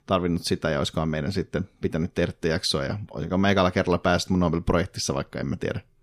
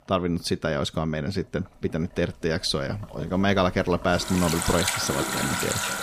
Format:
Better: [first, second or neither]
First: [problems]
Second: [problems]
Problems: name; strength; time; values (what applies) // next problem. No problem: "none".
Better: first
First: none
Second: household noises; loud; throughout; 1 dB below the speech